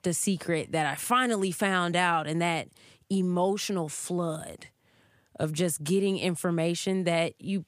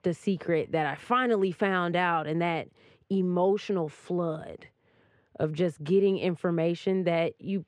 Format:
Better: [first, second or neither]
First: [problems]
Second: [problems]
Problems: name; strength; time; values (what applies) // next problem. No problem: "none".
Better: first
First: none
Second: muffled; very; fading above 2.5 kHz